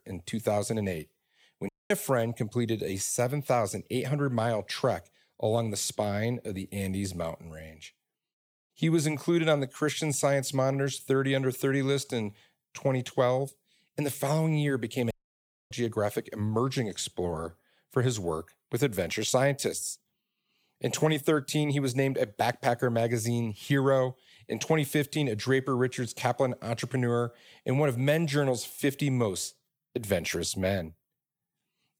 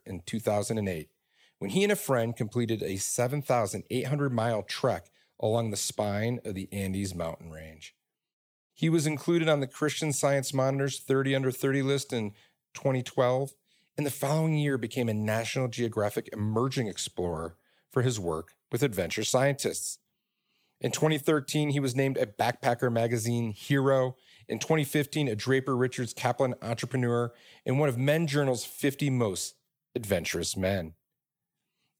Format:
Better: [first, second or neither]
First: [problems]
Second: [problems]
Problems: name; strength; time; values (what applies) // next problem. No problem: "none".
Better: second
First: audio cutting out; at 1.5 s and at 15 s for 0.5 s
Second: none